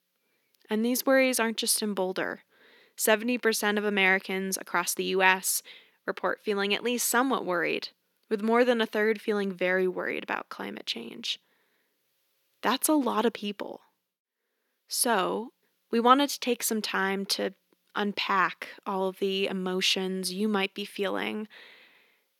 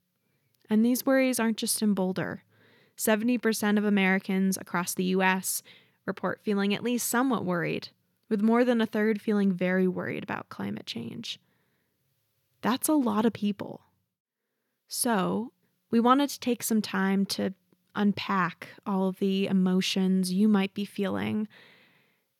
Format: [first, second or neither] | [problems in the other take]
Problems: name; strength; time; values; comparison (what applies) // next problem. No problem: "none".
second | thin; somewhat; fading below 300 Hz